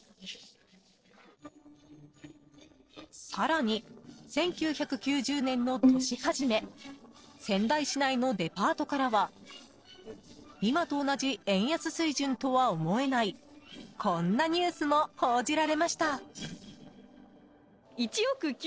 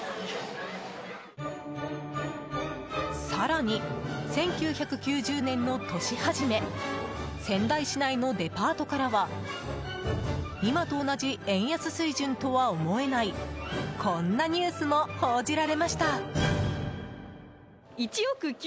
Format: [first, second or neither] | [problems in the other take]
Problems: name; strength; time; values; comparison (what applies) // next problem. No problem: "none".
second | noise reduction (neural separator model SepFormer DNS4)